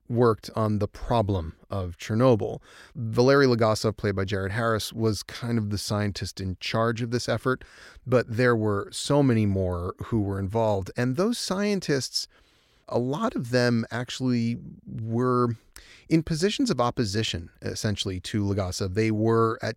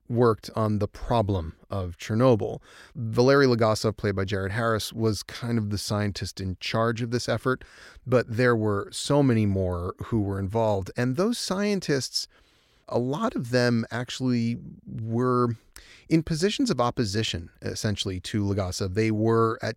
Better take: neither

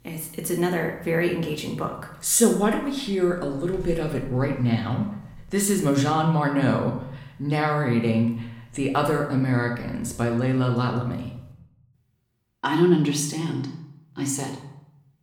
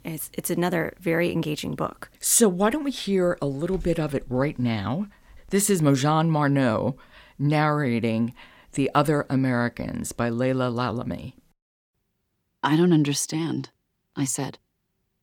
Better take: second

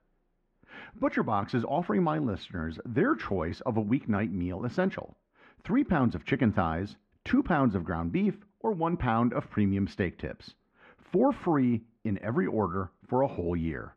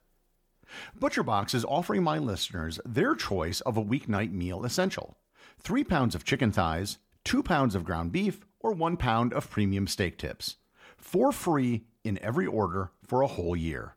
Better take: second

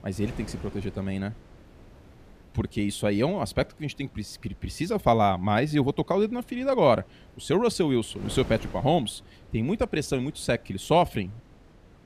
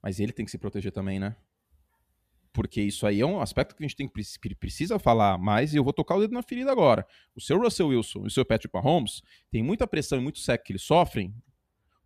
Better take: second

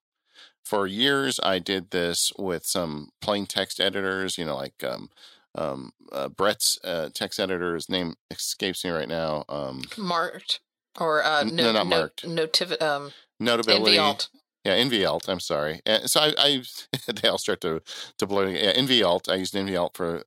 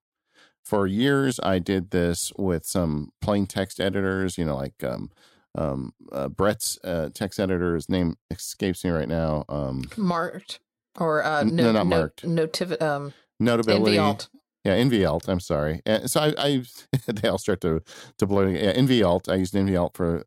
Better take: second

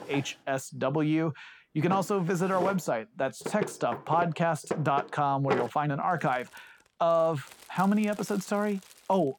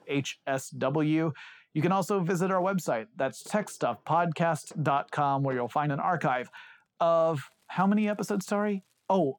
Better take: second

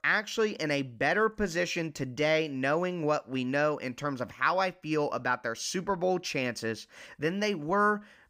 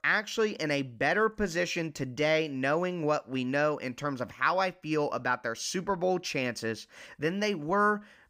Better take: neither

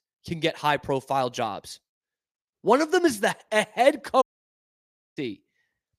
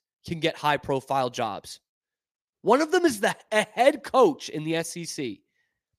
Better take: second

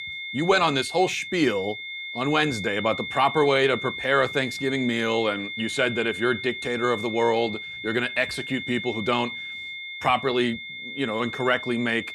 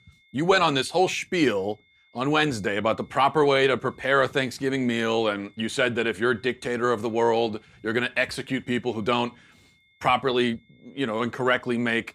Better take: second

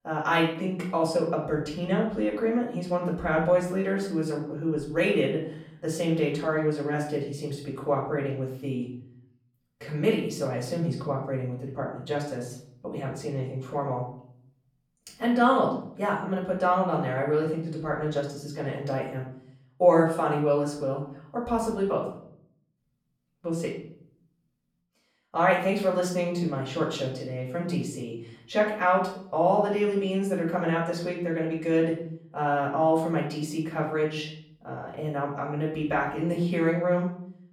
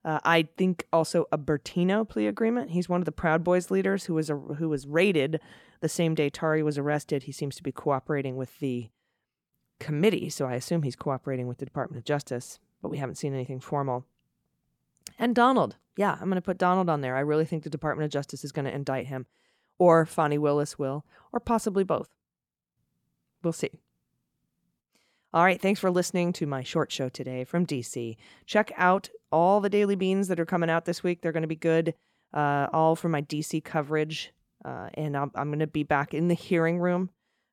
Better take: second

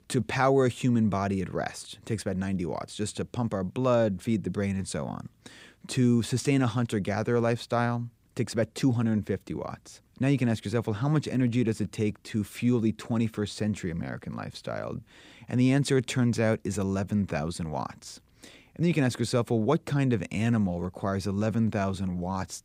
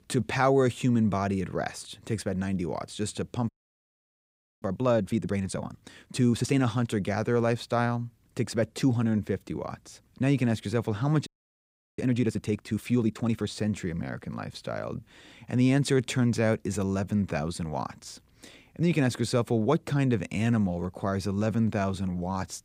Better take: first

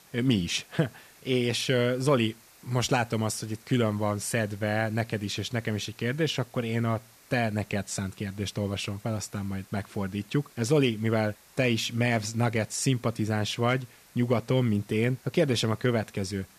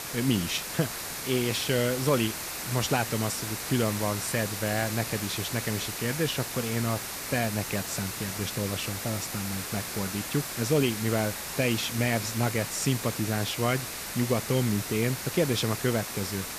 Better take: first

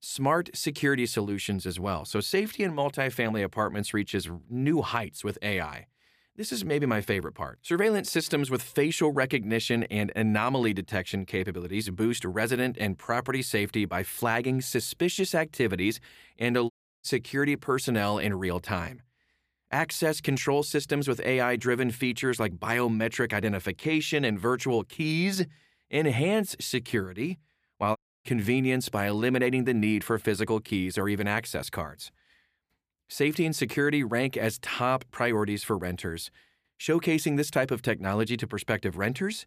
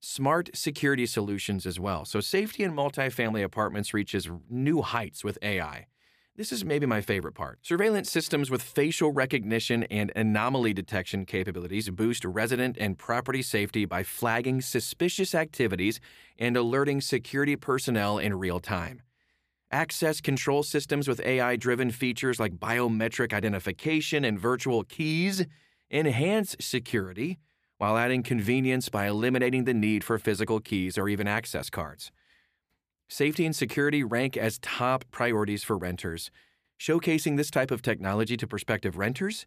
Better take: second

